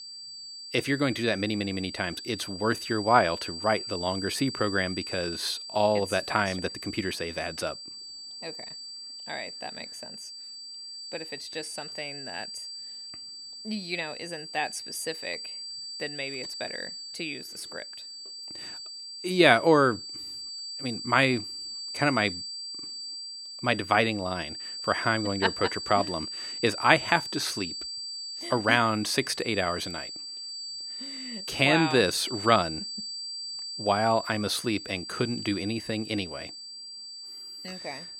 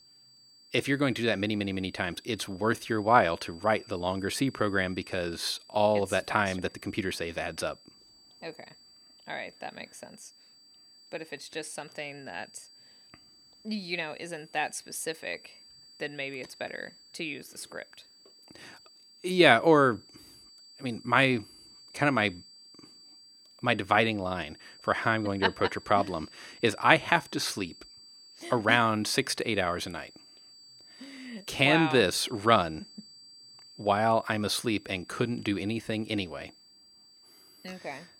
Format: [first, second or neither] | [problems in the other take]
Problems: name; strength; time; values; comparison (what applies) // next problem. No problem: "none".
second | high-pitched whine; loud; throughout; 4.5 kHz, 9 dB below the speech; faint in the second